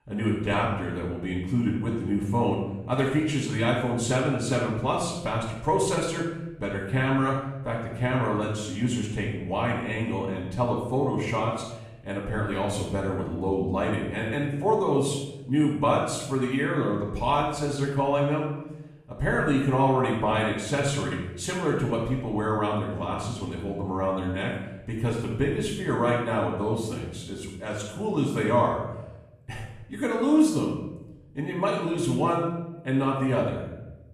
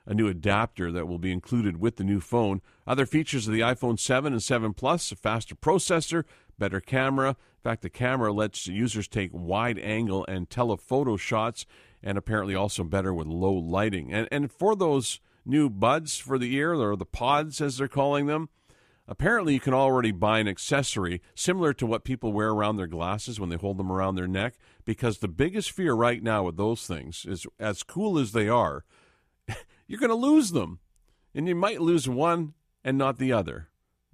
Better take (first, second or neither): second